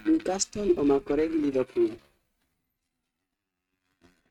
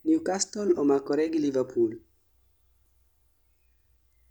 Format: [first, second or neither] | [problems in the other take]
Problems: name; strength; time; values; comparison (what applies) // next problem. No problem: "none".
second | noise reduction (neural mask model RNNoise)